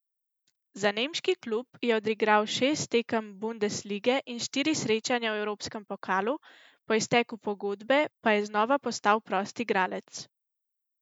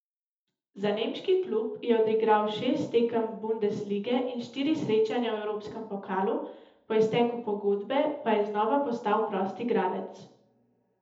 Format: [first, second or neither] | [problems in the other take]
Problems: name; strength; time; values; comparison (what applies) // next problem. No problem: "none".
first | room echo; dies away in 0.7 s